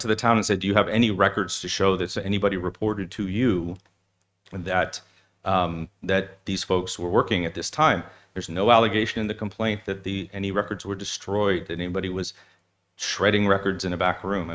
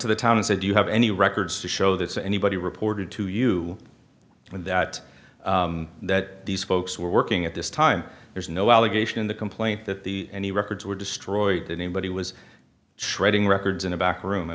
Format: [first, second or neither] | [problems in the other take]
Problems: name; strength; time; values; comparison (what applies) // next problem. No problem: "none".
second | noise reduction (neural mask model RNNoise)